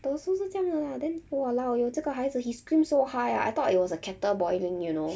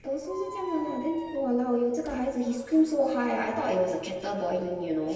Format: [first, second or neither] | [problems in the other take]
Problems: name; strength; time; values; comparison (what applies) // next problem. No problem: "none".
first | background sound (Squeak); 16 dB below the speech // room echo; dies away in 1.4 s